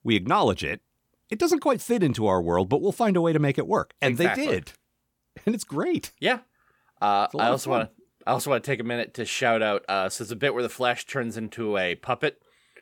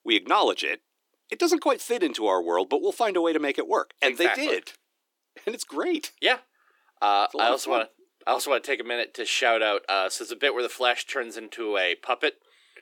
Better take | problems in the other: first | thin; somewhat; fading below 300 Hz

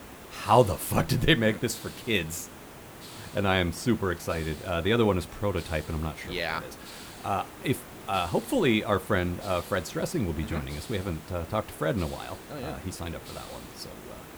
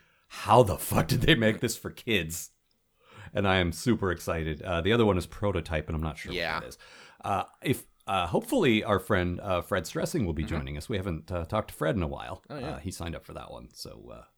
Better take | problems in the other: second | hiss; noticeable; throughout; 15 dB below the speech

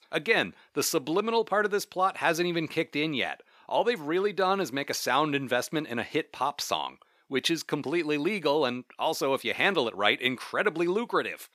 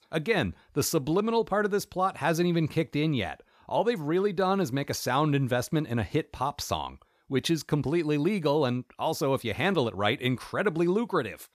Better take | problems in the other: second | thin; very slightly; fading below 250 Hz

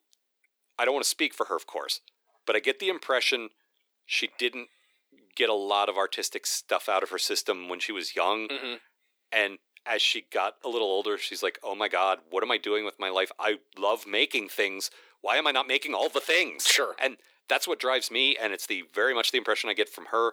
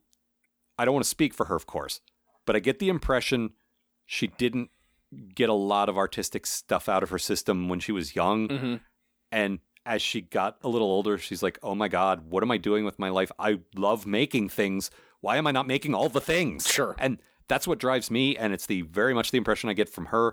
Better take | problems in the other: second | thin; very; fading below 350 Hz

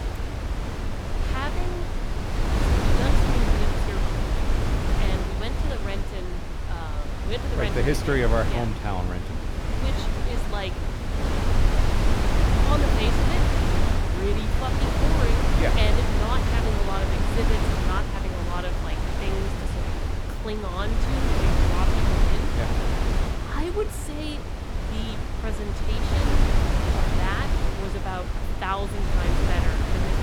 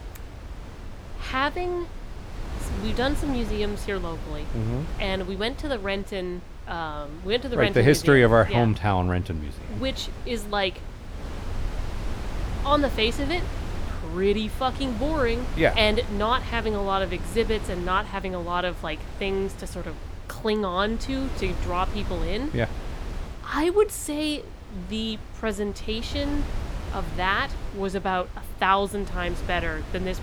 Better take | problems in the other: second | wind noise on the microphone; heavy; 1 dB above the speech; occasional gusts in the second

